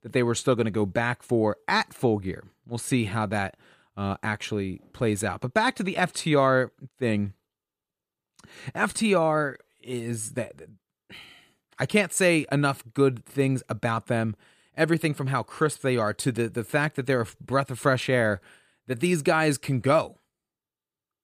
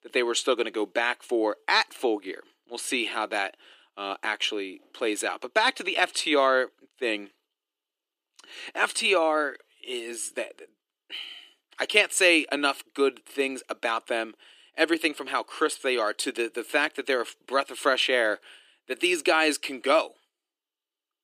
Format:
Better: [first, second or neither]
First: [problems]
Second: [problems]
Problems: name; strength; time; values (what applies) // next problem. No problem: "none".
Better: first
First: none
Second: thin; somewhat; fading below 300 Hz